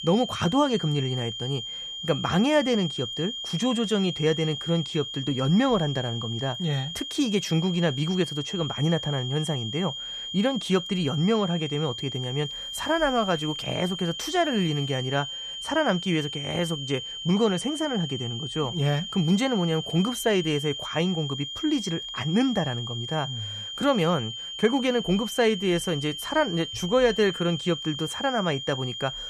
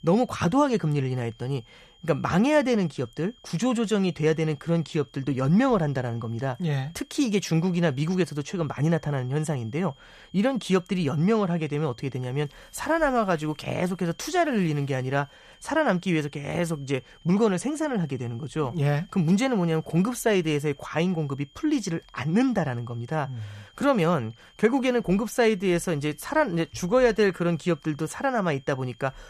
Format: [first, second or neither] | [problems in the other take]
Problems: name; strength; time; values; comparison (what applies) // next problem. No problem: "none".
second | high-pitched whine; loud; throughout; 3 kHz, 6 dB below the speech; faint in the second